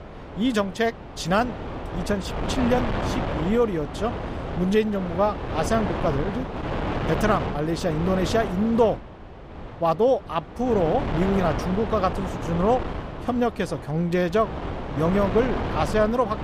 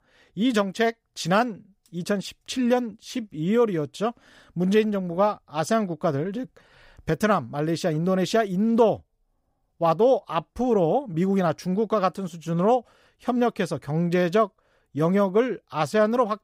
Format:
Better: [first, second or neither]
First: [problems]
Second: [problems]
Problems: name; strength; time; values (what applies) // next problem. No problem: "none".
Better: second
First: wind noise on the microphone; heavy; 7 dB below the speech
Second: none